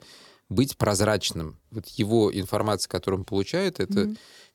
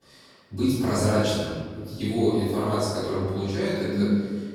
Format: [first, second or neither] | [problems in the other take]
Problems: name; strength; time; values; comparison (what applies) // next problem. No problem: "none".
first | room echo; strong; dies away in 1.5 s // off-mic speech; far